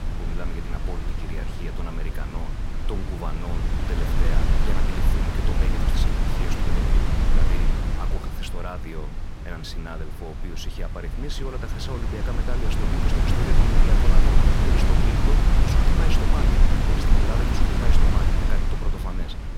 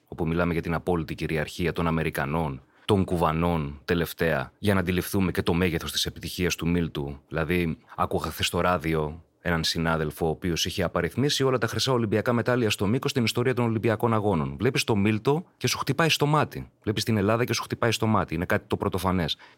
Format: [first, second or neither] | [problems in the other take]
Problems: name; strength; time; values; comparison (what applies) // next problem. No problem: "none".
second | wind noise on the microphone; heavy; 5 dB above the speech